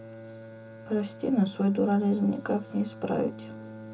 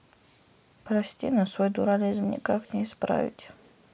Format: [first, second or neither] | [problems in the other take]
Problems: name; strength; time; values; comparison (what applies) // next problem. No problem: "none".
second | background sound (Bowed string instrument); 15 dB below the speech // room echo; dies away in 0.2 s